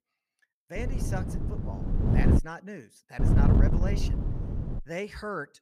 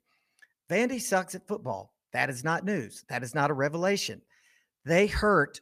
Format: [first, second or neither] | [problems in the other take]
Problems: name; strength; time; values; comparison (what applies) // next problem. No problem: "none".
second | wind noise on the microphone; heavy; from 1 to 2.5 s and from 3 to 5 s; 1 dB above the speech